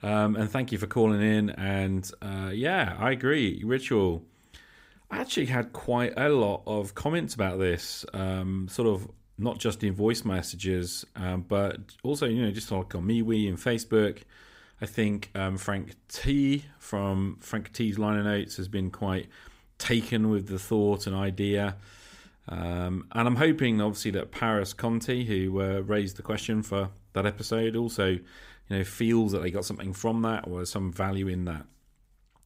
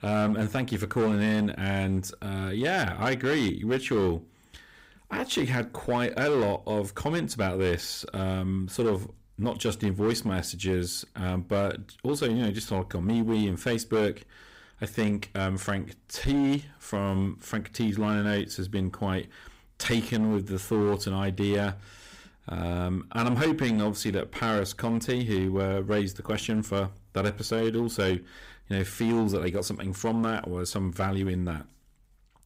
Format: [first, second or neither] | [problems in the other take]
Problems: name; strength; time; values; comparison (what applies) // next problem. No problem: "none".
first | distortion; slight; 8% of the sound clipped